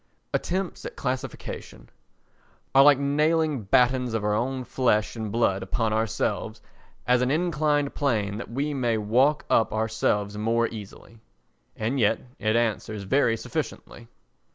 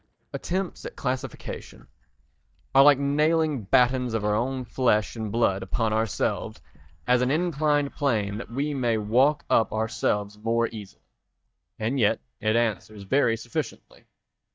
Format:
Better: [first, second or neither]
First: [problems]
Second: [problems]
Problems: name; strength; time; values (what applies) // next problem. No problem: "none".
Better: first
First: none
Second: noise reduction (neural mask model DeepFilterNet 3)